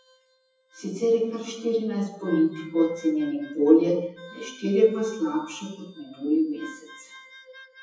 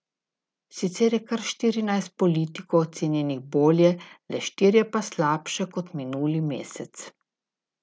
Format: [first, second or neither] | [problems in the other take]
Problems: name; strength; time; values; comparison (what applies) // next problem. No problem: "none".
second | noise reduction (classical method WPE with log-MMSE)